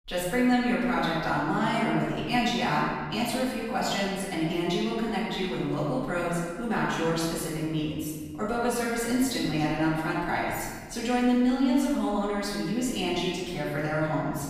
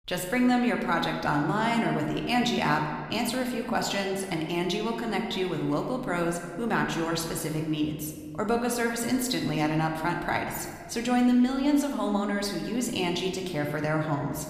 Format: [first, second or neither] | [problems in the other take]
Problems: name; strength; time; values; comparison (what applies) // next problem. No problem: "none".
second | room echo; strong; dies away in 1.5 s; slight in the second // off-mic speech; far